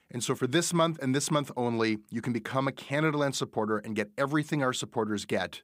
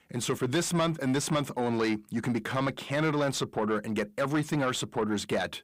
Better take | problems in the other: first | distortion; slight; 10 dB below the speech

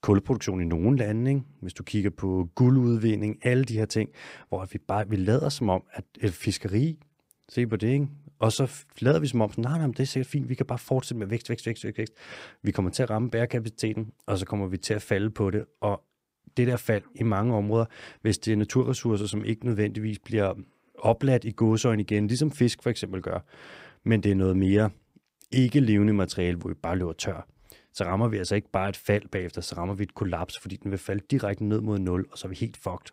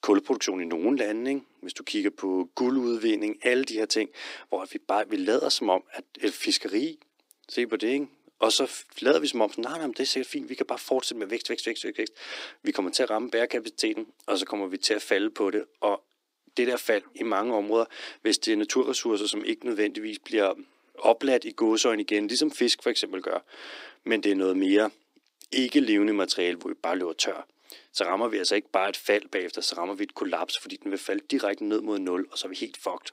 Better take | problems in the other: first | thin; somewhat; fading below 300 Hz

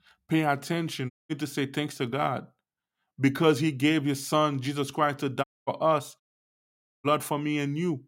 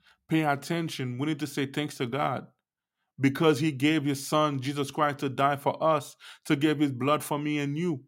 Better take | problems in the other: second | audio cutting out; at 1 s, at 5.5 s and at 6 s for 1 s

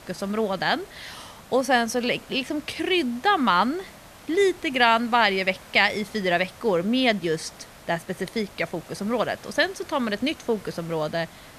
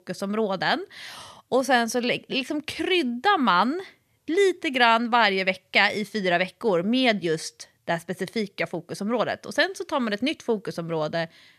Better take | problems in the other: second | hiss; faint; throughout; 20 dB below the speech

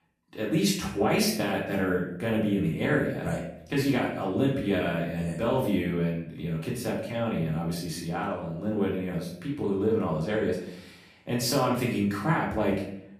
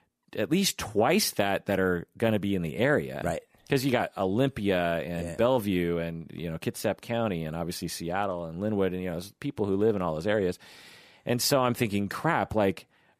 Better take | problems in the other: second | off-mic speech; far // room echo; noticeable; dies away in 0.6 s

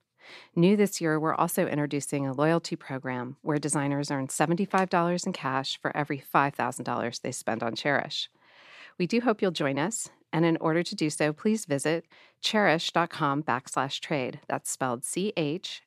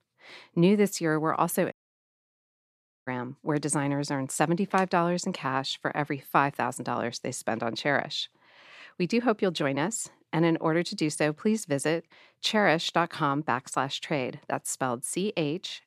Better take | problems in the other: first | audio cutting out; at 1.5 s for 1.5 s

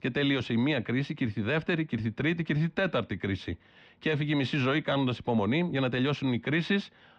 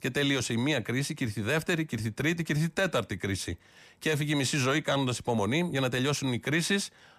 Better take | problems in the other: second | muffled; slightly; fading above 3.5 kHz

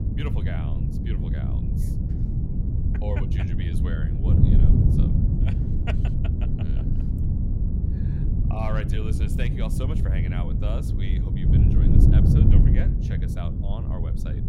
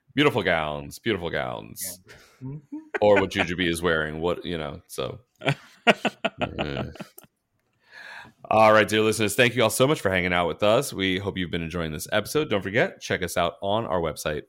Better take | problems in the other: second | wind noise on the microphone; heavy; 3 dB above the speech

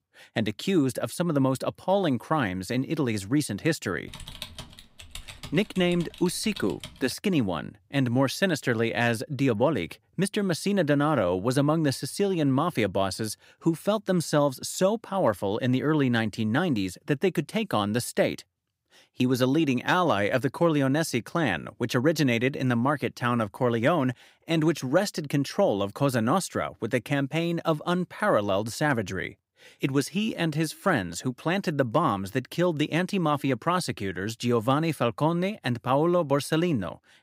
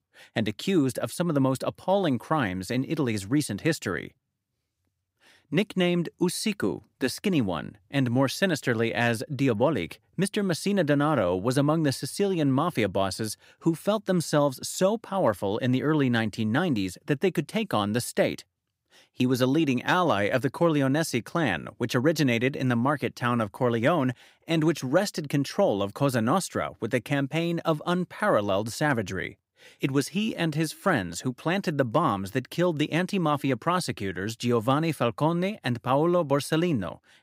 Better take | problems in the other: second | keyboard typing; faint; from 4 to 7 s; peak 15 dB below the speech

